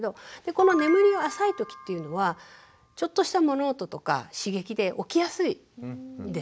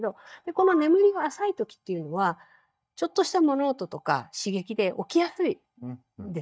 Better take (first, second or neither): first